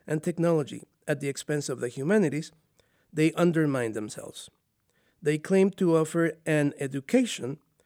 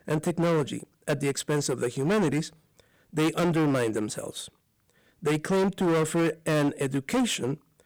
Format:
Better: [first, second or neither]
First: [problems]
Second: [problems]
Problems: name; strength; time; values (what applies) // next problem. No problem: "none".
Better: first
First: none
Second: distortion; heavy; 17% of the sound clipped